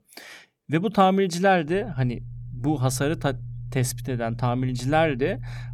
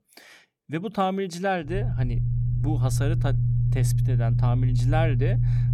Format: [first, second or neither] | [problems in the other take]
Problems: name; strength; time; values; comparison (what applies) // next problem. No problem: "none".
first | low rumble; loud; from 1.5 s on; 6 dB below the speech; faint in the first